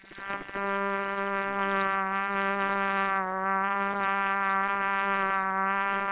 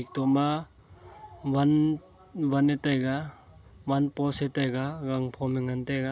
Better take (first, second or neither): second